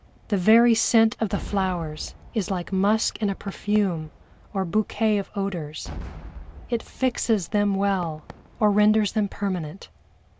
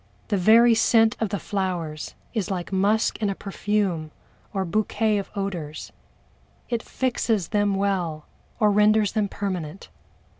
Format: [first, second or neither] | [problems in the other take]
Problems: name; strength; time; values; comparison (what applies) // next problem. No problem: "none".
second | background sound (Cheering / Fireworks); 18 dB below the speech